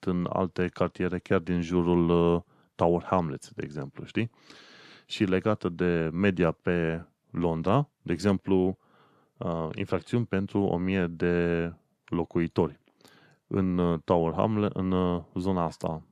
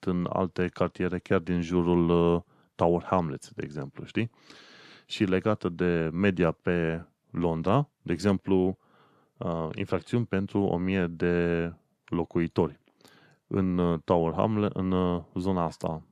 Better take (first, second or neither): neither